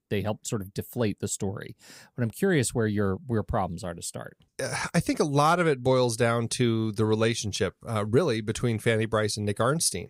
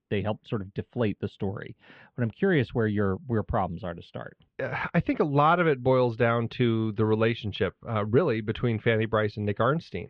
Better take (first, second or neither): first